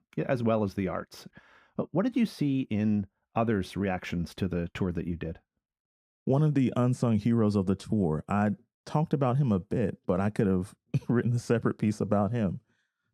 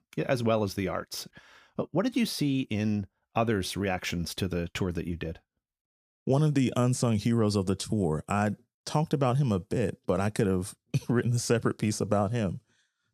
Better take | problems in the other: second | muffled; slightly; fading above 3 kHz

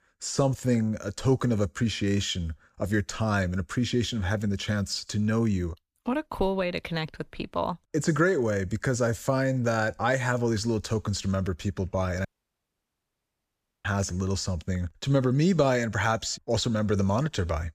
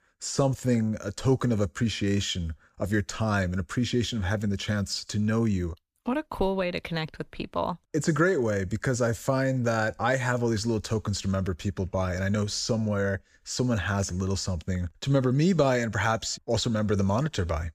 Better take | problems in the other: second | audio cutting out; at 12 s for 1.5 s

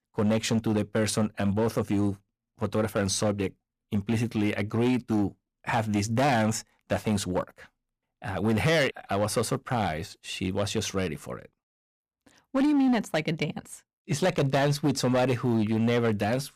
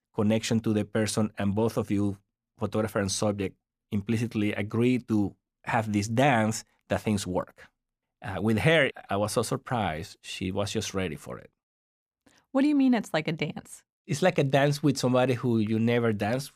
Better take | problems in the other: second | distortion; slight; 8% of the sound clipped

